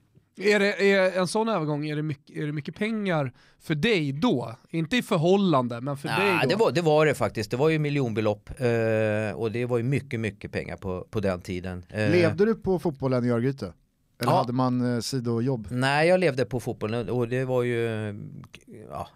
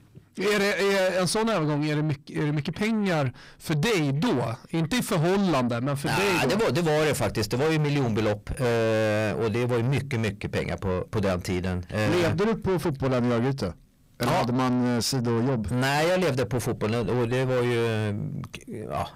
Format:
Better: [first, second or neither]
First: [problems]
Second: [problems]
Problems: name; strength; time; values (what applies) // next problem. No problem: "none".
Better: first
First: none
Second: distortion; heavy; 6 dB below the speech